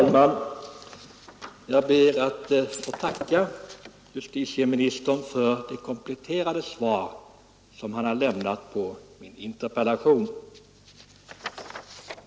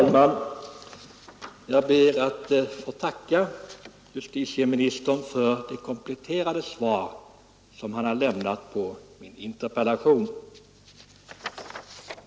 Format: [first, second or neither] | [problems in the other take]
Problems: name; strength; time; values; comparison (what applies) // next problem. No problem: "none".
second | background sound (Shatter); 12 dB below the speech